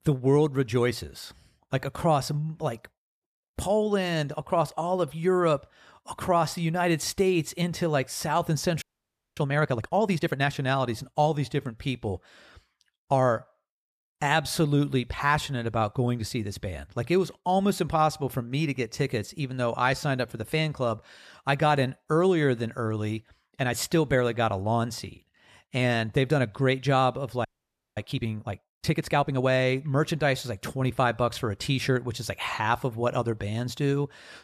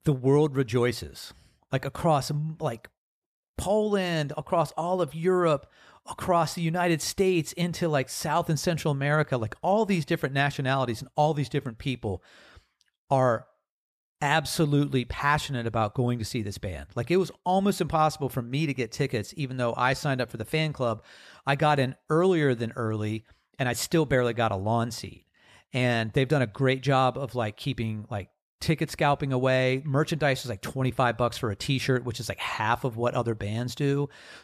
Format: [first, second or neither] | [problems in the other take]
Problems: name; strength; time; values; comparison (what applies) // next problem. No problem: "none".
second | audio freezing; at 9 s for 0.5 s and at 27 s for 0.5 s